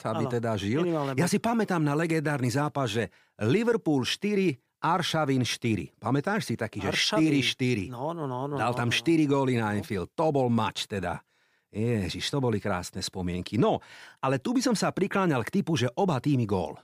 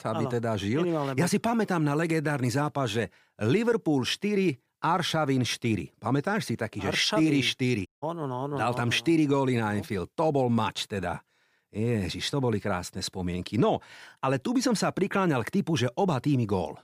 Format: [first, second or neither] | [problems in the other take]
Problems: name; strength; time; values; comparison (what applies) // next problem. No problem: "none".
first | audio cutting out; at 8 s